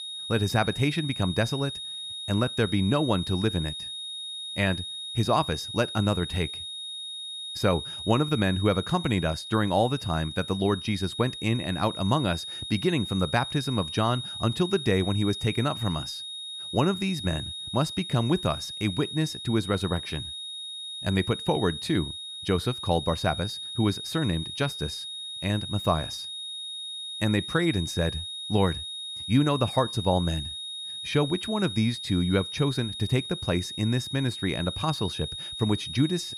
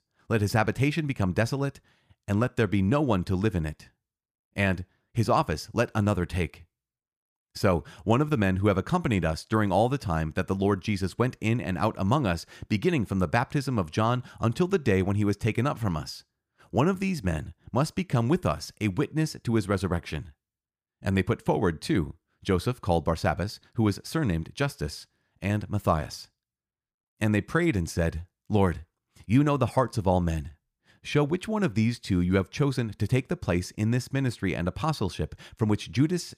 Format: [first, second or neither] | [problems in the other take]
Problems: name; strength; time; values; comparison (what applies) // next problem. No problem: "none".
second | high-pitched whine; loud; throughout; 3.5 kHz, 7 dB below the speech